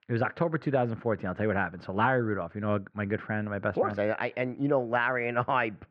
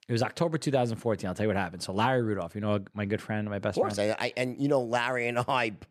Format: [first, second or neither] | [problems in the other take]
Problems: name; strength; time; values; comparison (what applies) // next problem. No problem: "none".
second | muffled; very; fading above 2.5 kHz